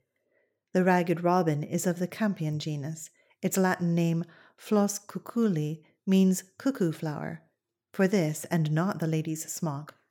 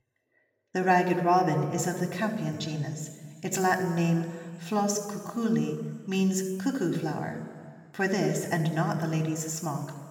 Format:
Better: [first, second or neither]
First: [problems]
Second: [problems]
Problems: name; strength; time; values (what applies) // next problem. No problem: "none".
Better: first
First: none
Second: room echo; noticeable; dies away in 1.9 s // off-mic speech; somewhat distant